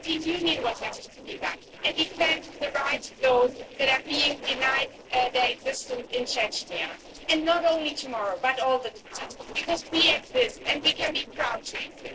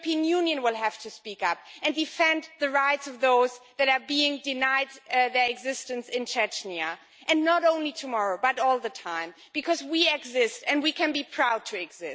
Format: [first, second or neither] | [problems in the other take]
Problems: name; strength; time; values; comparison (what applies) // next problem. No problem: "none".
second | noise reduction (neural separator model SepFormer DNS4)